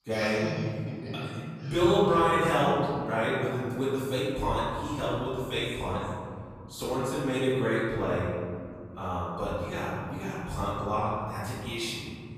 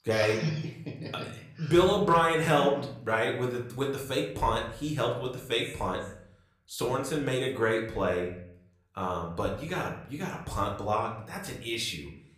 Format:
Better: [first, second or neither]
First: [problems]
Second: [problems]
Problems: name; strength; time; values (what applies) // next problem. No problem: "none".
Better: second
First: room echo; strong; dies away in 2.7 s // off-mic speech; far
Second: room echo; slight; dies away in 0.5 s // off-mic speech; somewhat distant